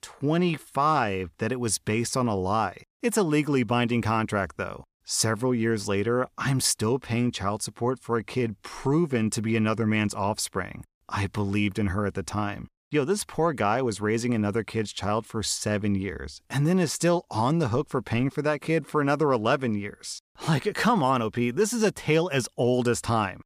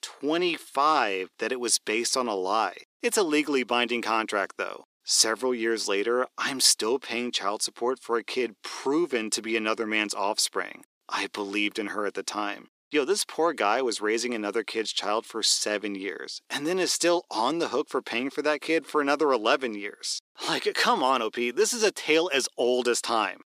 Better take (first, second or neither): first